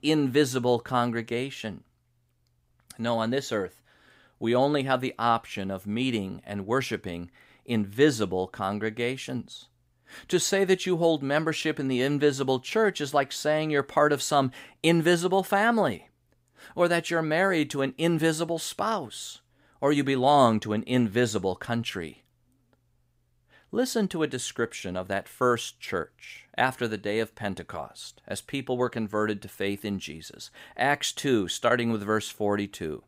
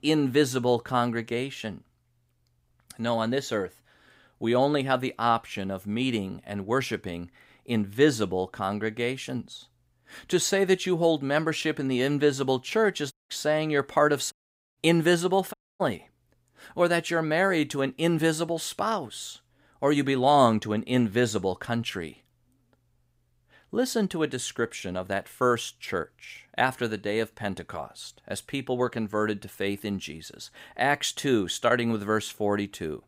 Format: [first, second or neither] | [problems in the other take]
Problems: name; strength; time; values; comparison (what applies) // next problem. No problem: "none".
first | audio cutting out; at 13 s, at 14 s and at 16 s